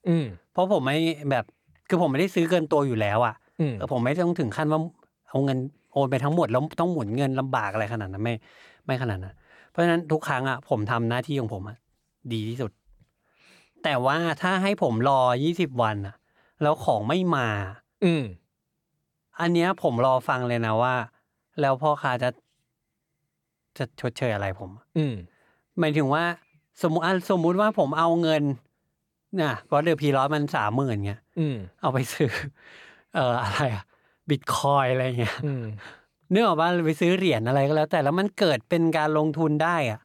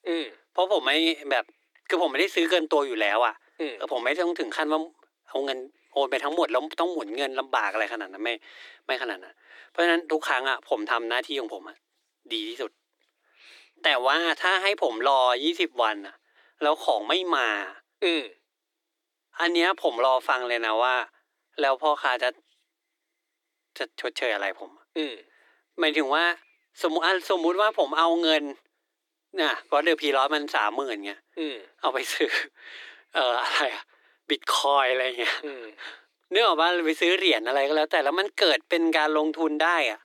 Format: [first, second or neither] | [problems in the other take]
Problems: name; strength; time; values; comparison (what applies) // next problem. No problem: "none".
first | thin; very; fading below 300 Hz